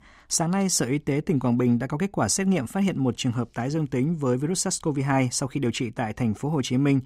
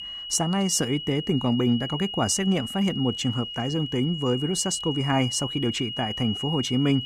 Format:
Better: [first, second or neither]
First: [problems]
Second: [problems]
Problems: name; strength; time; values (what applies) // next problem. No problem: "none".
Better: first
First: none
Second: high-pitched whine; loud; throughout; 3 kHz, 7 dB below the speech